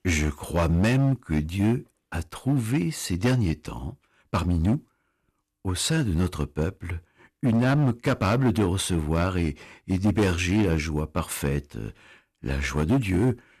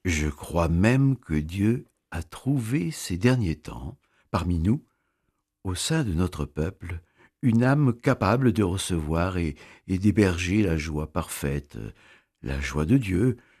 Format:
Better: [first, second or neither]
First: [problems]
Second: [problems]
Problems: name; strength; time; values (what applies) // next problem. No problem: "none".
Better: second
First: distortion; slight; 7% of the sound clipped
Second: none